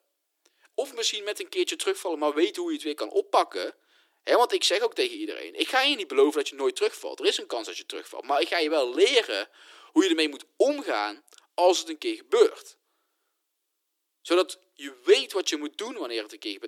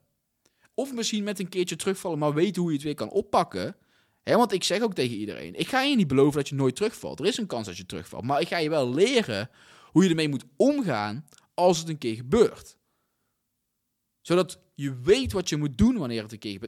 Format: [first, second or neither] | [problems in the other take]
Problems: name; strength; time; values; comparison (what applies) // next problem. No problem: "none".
second | thin; very; fading below 300 Hz